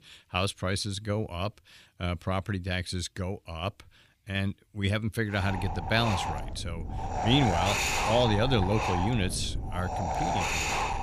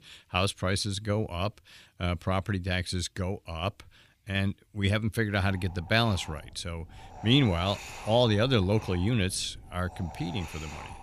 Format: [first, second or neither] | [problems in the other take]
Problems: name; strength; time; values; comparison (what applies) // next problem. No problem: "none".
second | wind noise on the microphone; heavy; from 5.5 s on; 2 dB above the speech; occasional gusts in the second